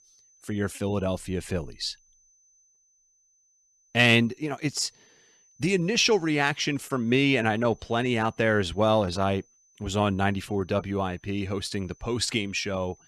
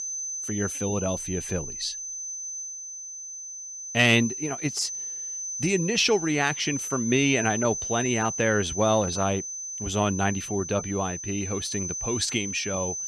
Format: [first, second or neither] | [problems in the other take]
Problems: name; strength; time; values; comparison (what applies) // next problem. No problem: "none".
first | high-pitched whine; loud; throughout; 6 kHz, 6 dB below the speech; faint in the first